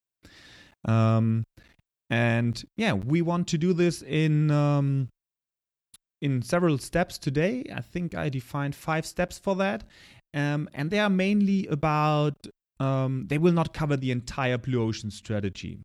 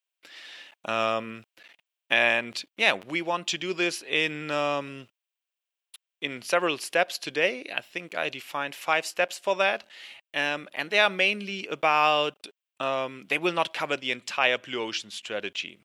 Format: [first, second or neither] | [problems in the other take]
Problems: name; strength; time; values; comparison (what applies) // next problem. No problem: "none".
first | thin; very; fading below 600 Hz